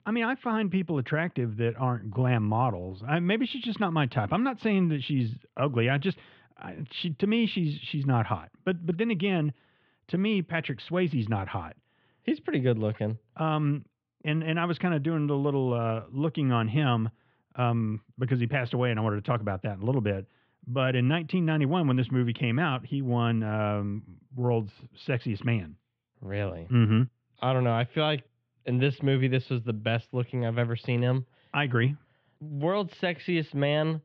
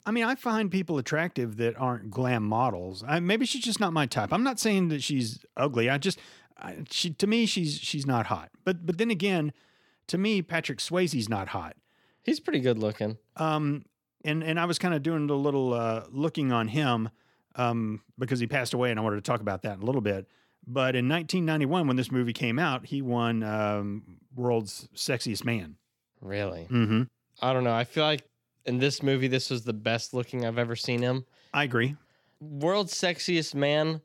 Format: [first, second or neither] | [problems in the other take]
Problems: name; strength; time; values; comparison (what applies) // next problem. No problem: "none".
second | muffled; very; fading above 3.5 kHz